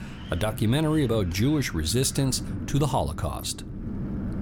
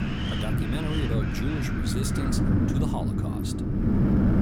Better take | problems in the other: first | wind noise on the microphone; heavy; 4 dB above the speech; occasional gusts in the first

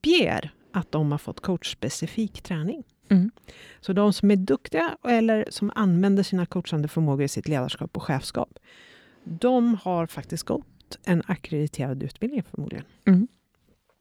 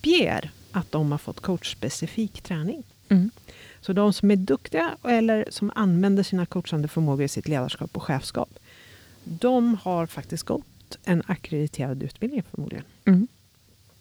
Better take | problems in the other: first | hiss; faint; throughout; 30 dB below the speech

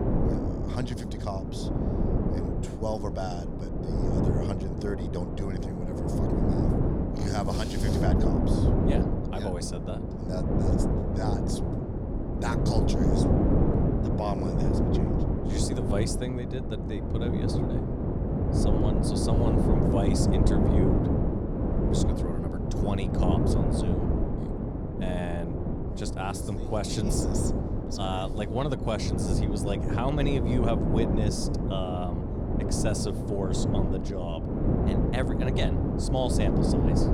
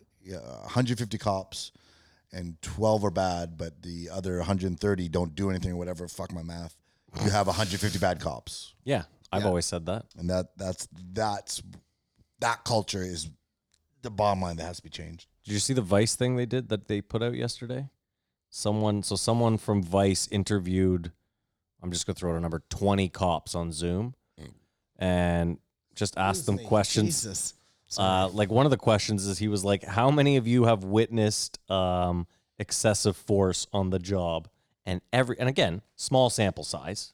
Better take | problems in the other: second | wind noise on the microphone; heavy; 2 dB above the speech

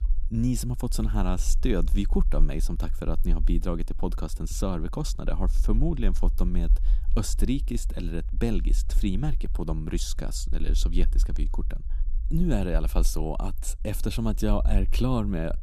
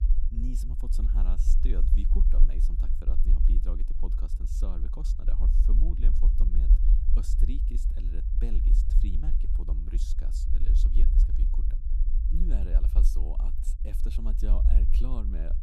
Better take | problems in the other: first | low rumble; loud; throughout; 2 dB below the speech; faint in the first

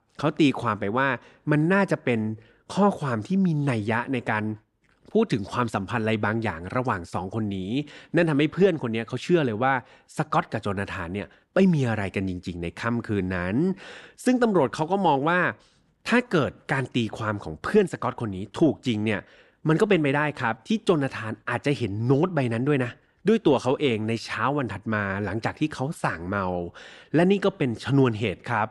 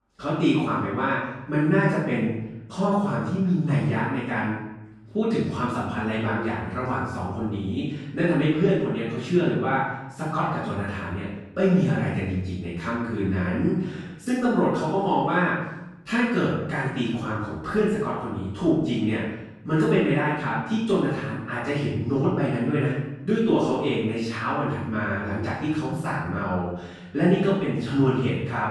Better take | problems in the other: first | room echo; strong; dies away in 0.8 s // off-mic speech; far

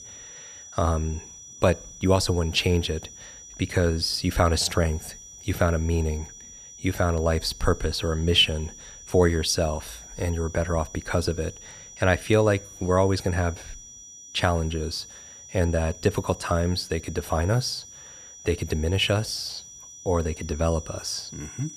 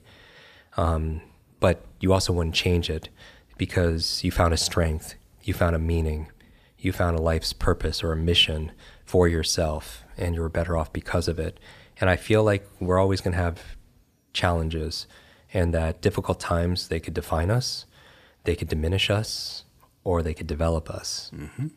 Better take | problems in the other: second | high-pitched whine; noticeable; throughout; 6 kHz, 15 dB below the speech

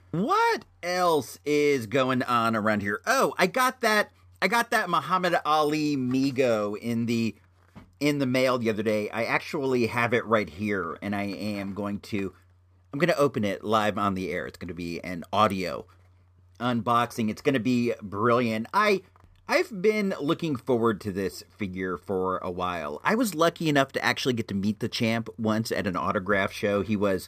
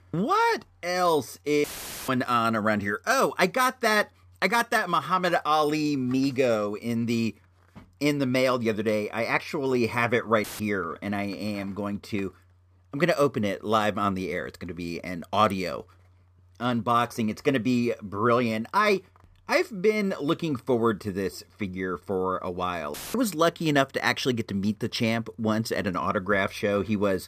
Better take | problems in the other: first | audio cutting out; filled with static; at 1.5 s, at 10 s and at 23 s

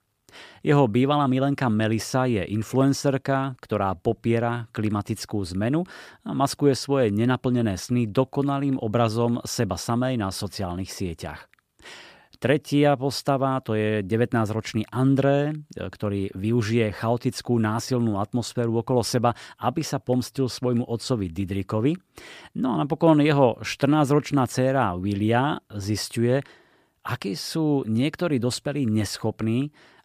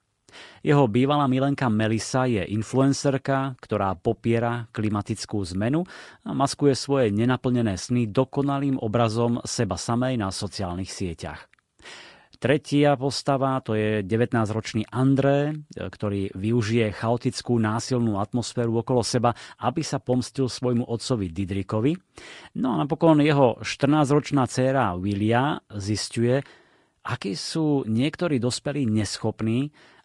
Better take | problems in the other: first | garbled, watery; slightly; nothing above 10 kHz

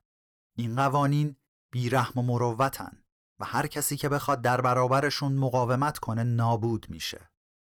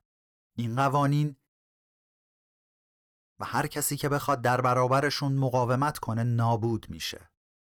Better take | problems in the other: first | audio cutting out; at 1.5 s for 1.5 s

